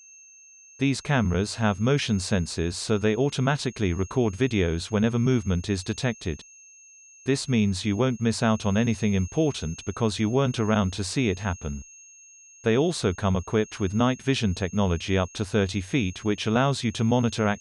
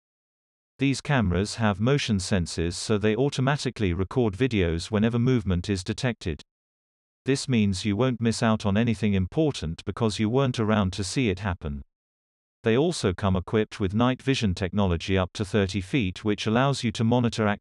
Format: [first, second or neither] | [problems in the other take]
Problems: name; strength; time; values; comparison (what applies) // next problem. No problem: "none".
second | high-pitched whine; faint; throughout; 6.5 kHz, 20 dB below the speech